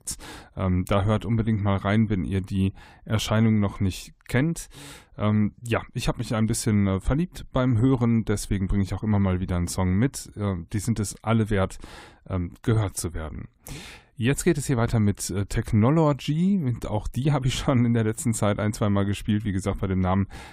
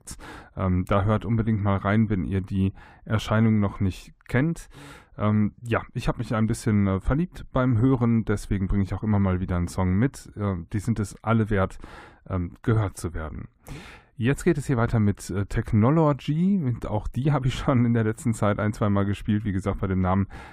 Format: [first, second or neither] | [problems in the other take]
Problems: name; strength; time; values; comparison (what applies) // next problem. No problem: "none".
first | muffled; slightly; fading above 3 kHz